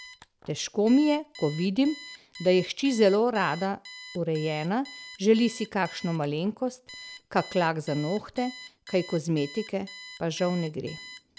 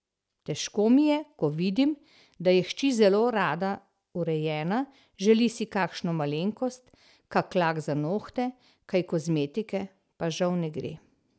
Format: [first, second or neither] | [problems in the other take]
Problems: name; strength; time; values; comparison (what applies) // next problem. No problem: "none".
second | background sound (Alarm); 18 dB below the speech